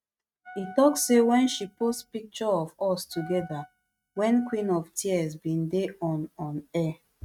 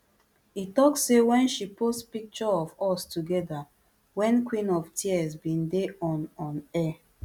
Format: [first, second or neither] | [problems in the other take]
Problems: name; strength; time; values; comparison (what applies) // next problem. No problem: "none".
second | noise reduction (neural mask model RNNoise)